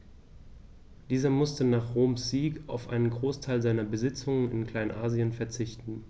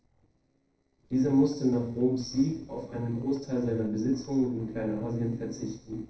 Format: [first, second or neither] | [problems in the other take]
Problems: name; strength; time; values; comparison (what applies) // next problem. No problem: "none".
first | noise reduction (neural separator model SepFormer DNS4)